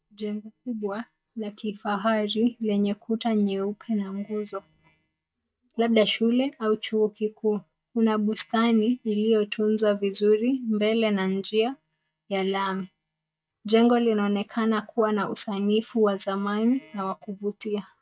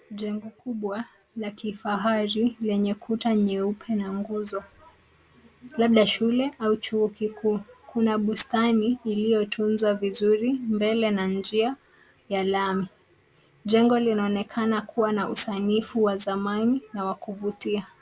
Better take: second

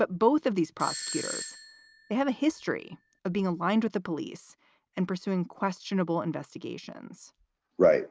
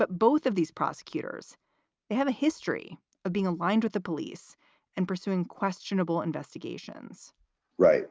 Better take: second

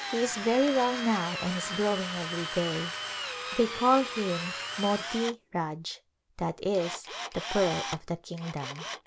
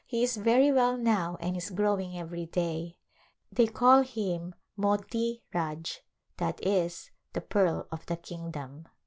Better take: second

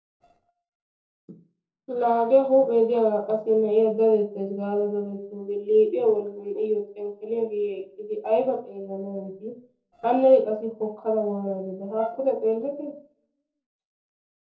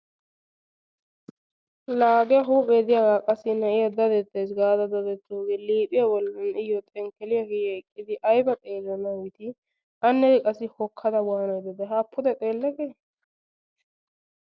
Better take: second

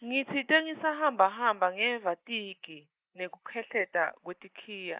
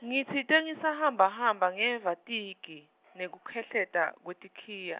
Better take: second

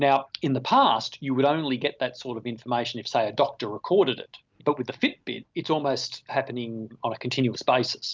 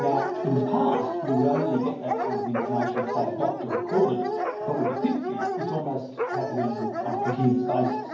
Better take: first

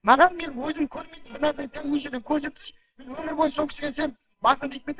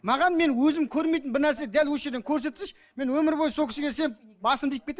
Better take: second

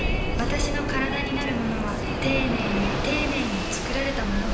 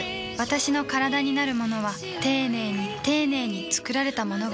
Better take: second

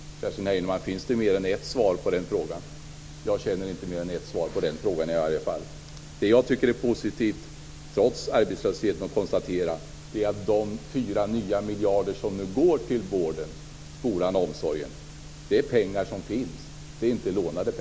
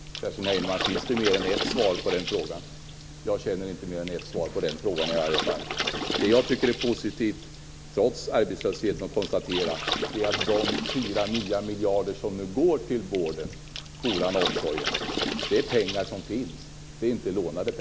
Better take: first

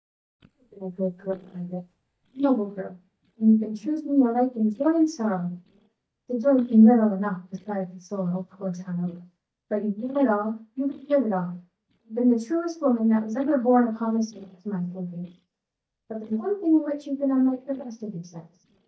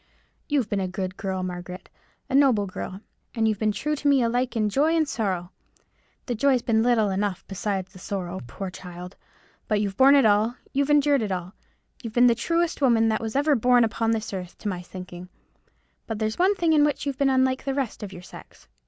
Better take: second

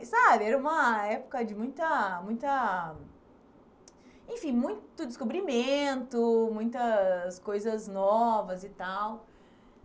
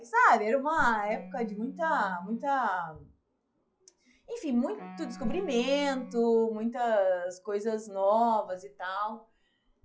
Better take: first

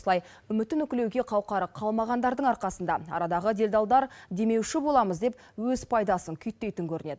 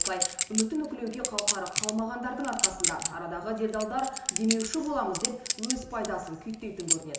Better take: first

